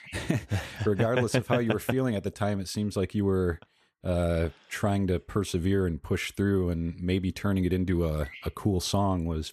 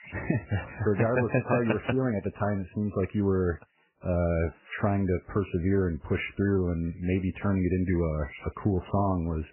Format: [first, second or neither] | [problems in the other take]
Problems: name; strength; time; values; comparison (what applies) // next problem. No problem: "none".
first | garbled, watery; badly; nothing above 3 kHz